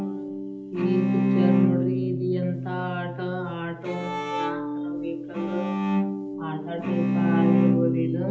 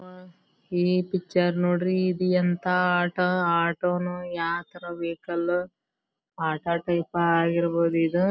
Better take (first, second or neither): second